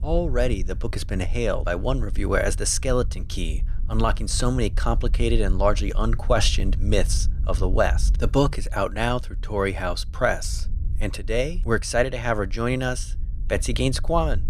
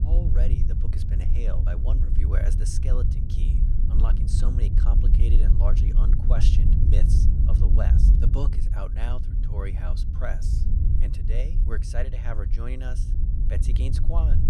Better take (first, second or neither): first